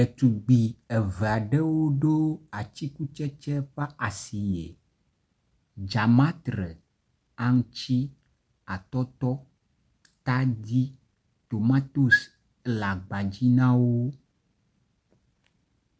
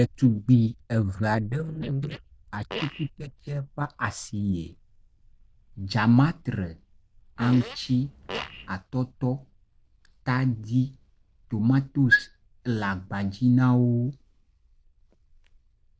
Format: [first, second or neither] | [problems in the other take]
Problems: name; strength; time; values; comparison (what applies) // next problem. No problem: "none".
first | noise reduction (neural diffusion model UNIVERSE++)